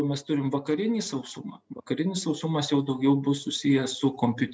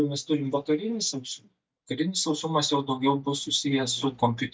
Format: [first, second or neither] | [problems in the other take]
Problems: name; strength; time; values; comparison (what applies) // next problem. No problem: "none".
first | noise reduction (neural mask model DeepFilterNet 3)